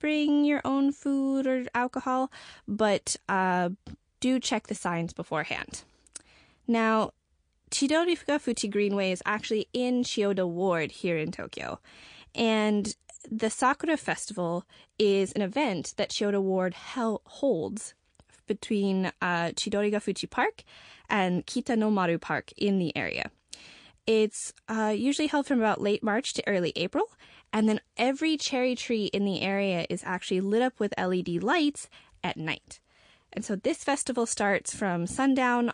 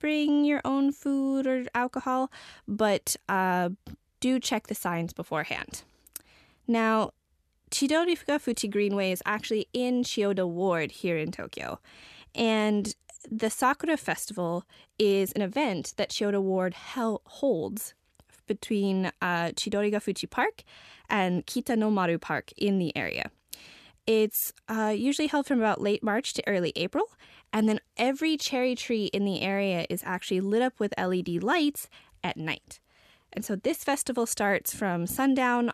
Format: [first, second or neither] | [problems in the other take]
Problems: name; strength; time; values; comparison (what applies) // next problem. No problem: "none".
second | garbled, watery; slightly; nothing above 8 kHz